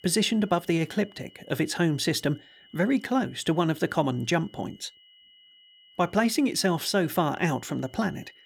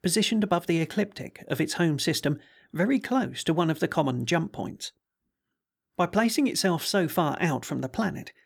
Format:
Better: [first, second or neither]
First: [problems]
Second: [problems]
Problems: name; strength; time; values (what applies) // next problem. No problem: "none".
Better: second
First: high-pitched whine; faint; throughout; 3 kHz, 25 dB below the speech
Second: none